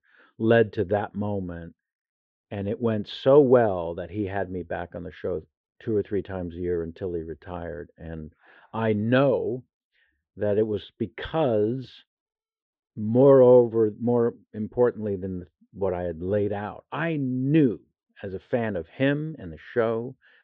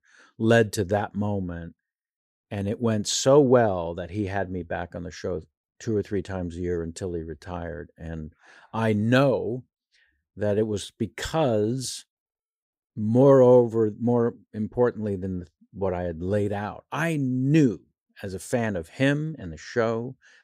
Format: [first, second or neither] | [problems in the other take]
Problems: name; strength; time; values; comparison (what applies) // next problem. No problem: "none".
second | muffled; very; fading above 3.5 kHz